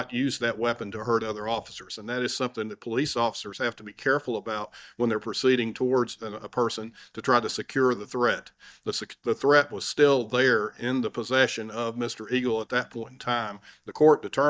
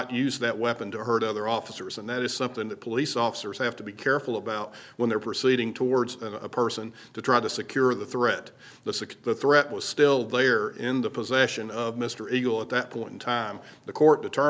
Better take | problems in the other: second | noise reduction (neural mask model DeepFilterNet 3)

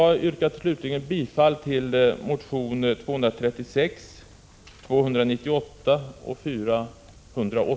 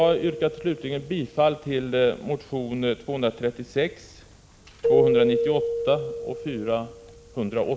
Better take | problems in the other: first | background sound (Keyboard (musical)); 4 dB below the speech

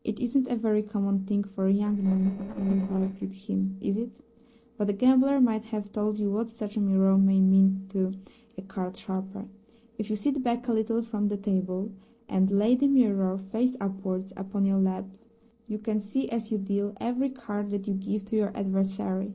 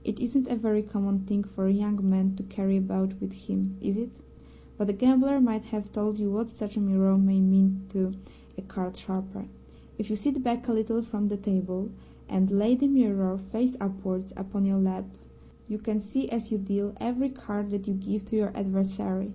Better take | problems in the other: second | noise reduction (neural separator model SepFormer DNS4)

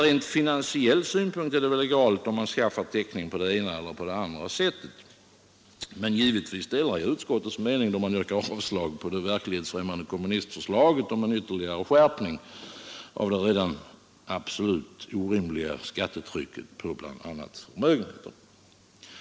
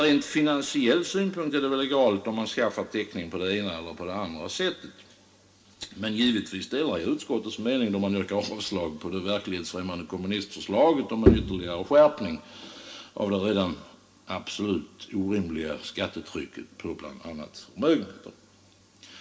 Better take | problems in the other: first | background sound (Bowed string instrument); 1 dB above the speech // room echo; dies away in 0.2 s

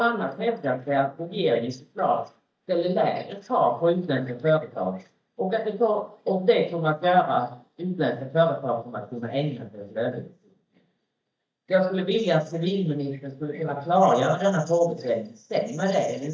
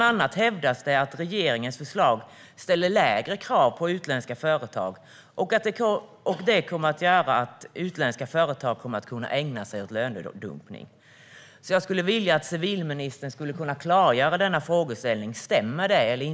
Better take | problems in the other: second | noise reduction (neural mask model DeepFilterNet 3)

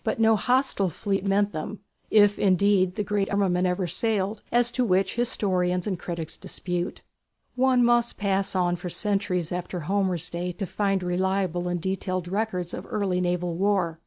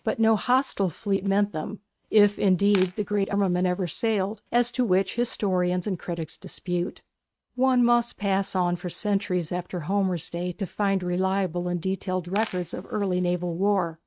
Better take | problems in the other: first | noise reduction (neural mask model RNNoise)

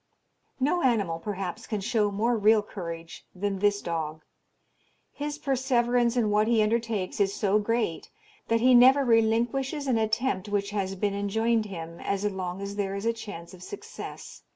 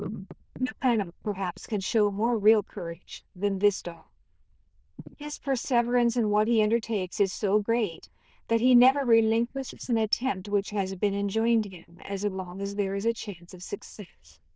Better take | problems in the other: first | noise reduction (neural diffusion model UNIVERSE++)

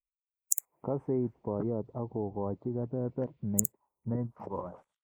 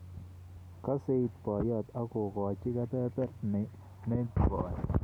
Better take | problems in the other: second | noise reduction (neural mask model Resemble Enhance denoiser)

